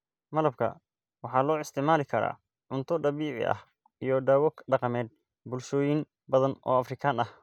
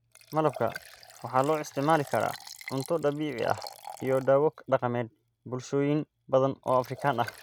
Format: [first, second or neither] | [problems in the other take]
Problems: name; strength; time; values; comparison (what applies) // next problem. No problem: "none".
first | background sound (Liquid); 18 dB below the speech